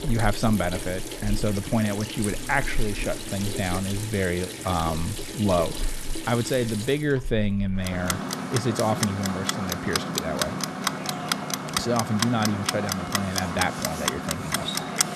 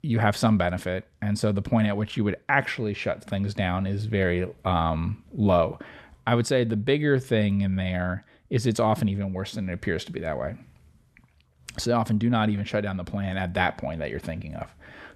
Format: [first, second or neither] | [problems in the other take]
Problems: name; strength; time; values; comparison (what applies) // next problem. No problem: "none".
second | household noises; loud; throughout; 3 dB below the speech